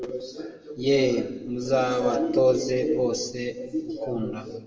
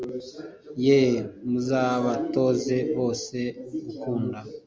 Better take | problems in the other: second | room echo; dies away in 0.9 s

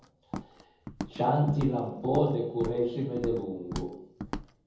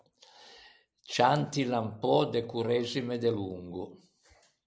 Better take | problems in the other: second | background sound (Walk, footsteps); 10 dB below the speech // room echo; dies away in 0.7 s

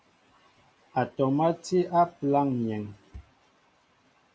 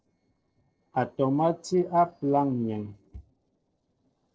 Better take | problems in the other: first | noise reduction (neural separator model SepFormer DNS4)

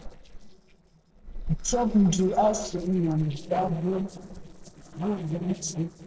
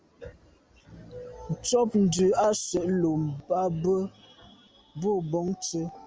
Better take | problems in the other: second | noise reduction (neural separator model SepFormer DNS4)

